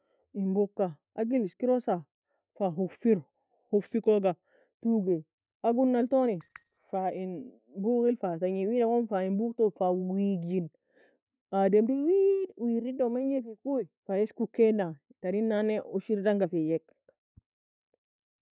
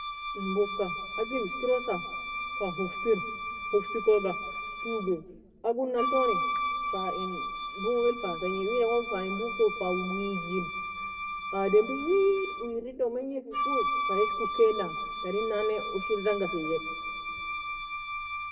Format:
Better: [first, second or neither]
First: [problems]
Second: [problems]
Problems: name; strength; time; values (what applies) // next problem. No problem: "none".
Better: first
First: none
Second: background sound (Wind instrument, woodwind instrument); 4 dB below the speech // room echo; dies away in 1.5 s